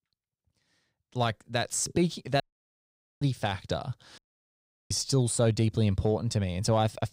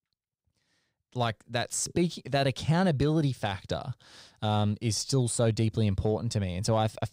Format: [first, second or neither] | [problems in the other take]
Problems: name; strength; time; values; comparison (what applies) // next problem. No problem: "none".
second | audio cutting out; at 2.5 s for 1 s and at 4 s for 0.5 s